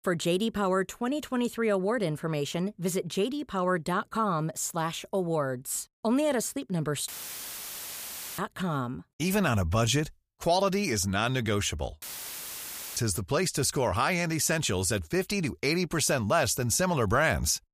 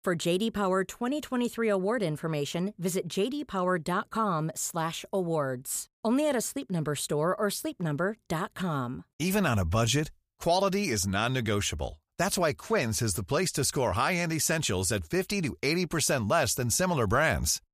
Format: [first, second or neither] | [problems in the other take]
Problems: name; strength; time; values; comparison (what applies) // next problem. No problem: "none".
second | audio cutting out; filled with static; at 7 s for 1.5 s and at 12 s for 1 s